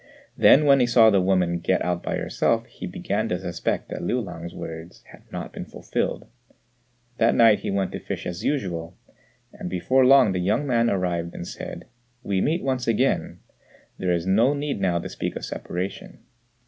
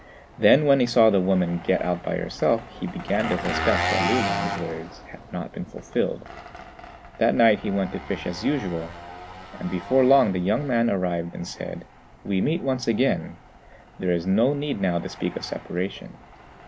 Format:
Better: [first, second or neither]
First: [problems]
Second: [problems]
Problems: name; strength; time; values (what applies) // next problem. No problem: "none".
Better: first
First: none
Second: background sound (Engine); 10 dB below the speech